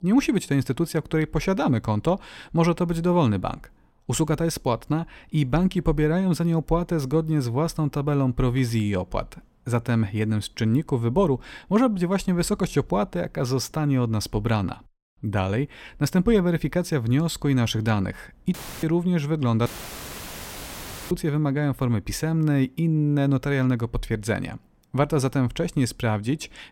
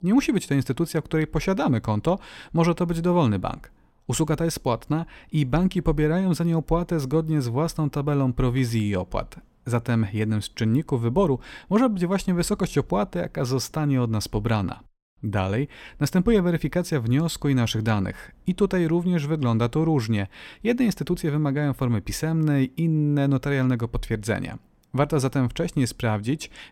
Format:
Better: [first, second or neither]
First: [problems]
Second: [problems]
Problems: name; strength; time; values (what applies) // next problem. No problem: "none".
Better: second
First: audio cutting out; filled with static; at 19 s and at 20 s for 1.5 s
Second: none